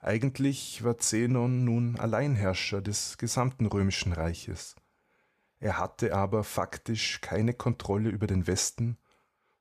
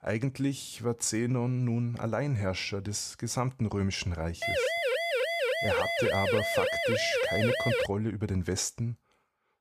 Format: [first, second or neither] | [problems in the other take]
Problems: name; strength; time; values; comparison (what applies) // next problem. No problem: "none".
first | siren; loud; from 4.5 to 8 s; peak 4 dB above the speech